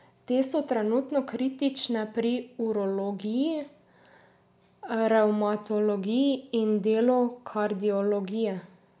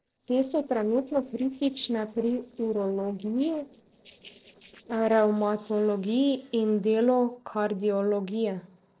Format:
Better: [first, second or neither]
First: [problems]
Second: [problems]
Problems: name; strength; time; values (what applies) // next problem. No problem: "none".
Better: first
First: none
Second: noise reduction (neural separator model SepFormer DNS4)